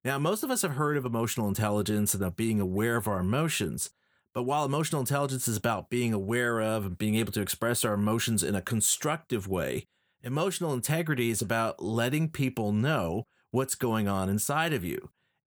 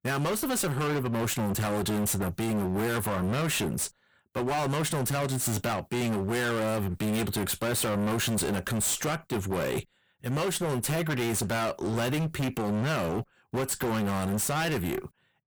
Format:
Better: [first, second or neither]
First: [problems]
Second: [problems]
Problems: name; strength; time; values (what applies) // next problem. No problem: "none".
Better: first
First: none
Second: distortion; heavy; 39% of the sound clipped